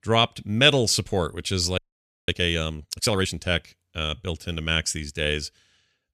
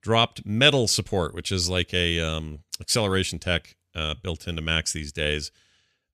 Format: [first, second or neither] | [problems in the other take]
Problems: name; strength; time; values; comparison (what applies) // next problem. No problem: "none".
second | audio freezing; at 2 s